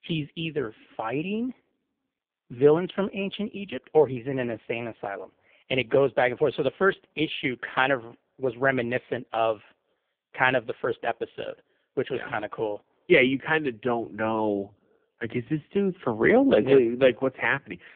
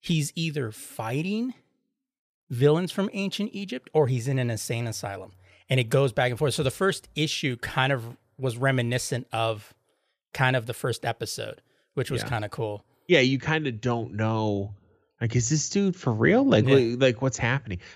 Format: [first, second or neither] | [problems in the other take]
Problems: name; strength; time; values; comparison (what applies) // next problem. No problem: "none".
second | phone-call audio; poor line; nothing above 3.5 kHz